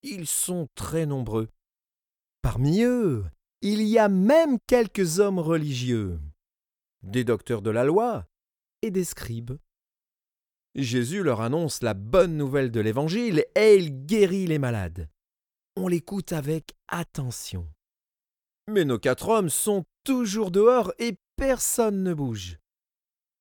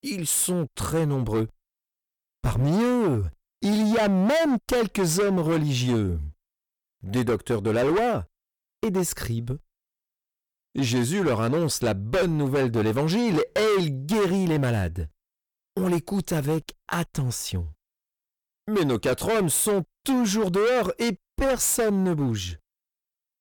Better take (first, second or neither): first